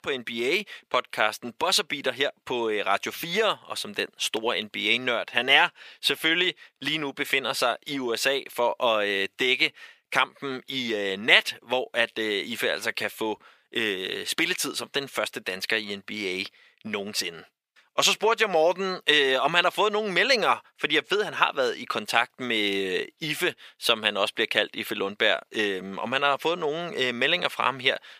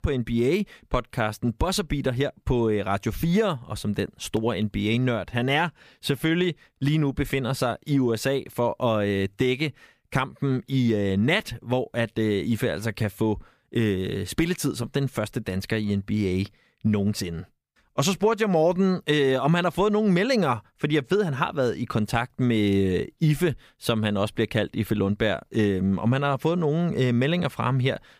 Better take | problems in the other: second | thin; very; fading below 500 Hz

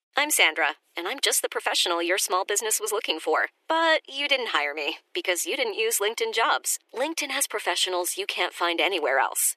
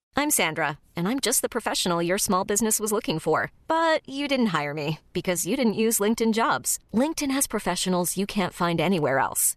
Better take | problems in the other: second | thin; very; fading below 350 Hz

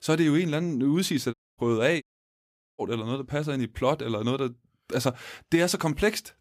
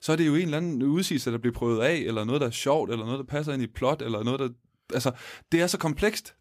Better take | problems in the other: second | audio cutting out; at 1.5 s and at 2 s for 1 s

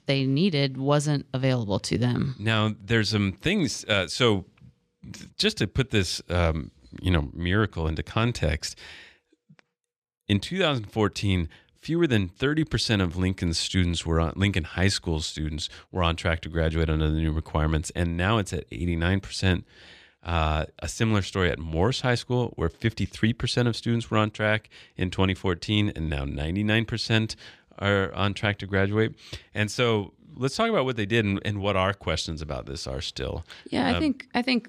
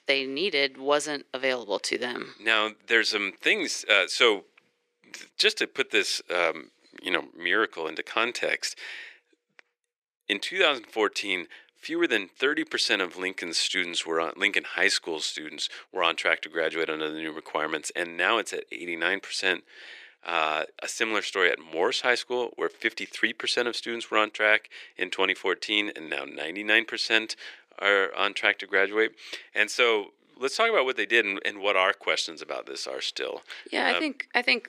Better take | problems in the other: first | thin; very; fading below 350 Hz

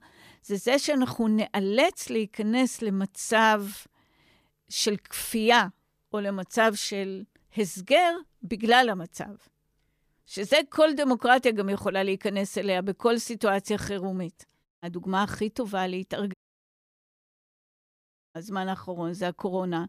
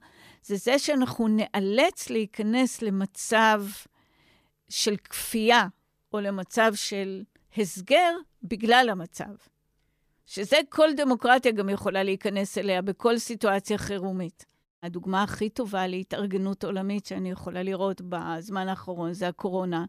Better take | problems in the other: second | audio cutting out; at 16 s for 2 s

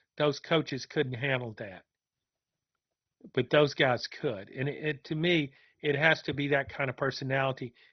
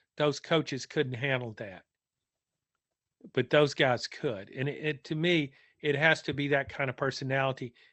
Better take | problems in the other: second | garbled, watery; badly; nothing above 6 kHz; slightly in the second

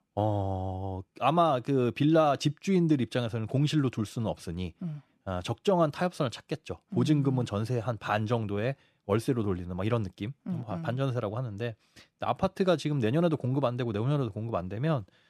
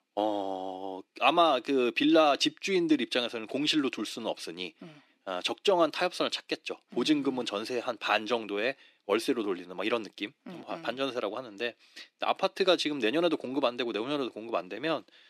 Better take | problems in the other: first | thin; somewhat; fading below 300 Hz

